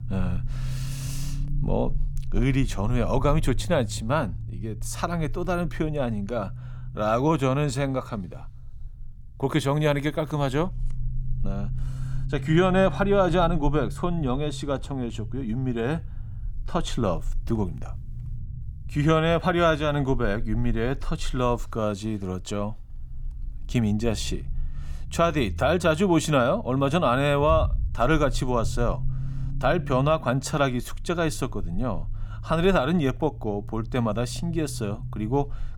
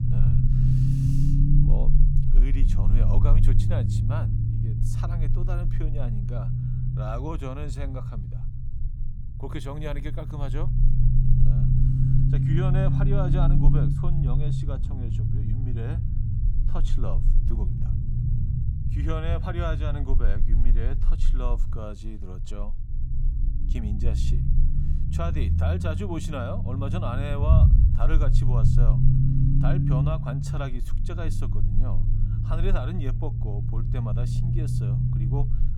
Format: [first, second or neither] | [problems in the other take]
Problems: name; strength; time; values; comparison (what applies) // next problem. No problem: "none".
first | low rumble; loud; throughout; as loud as the speech; faint in the first